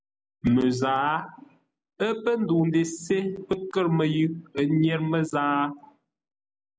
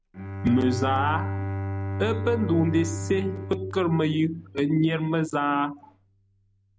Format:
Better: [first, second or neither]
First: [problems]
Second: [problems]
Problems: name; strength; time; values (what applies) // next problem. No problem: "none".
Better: first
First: none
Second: background sound (Bowed string instrument); 7 dB below the speech